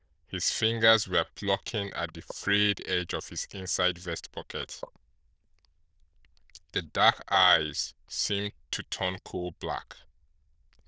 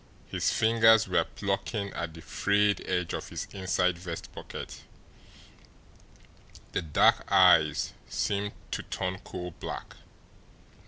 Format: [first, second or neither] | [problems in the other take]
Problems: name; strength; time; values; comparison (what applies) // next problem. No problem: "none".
second | noise reduction (neural diffusion model UNIVERSE++)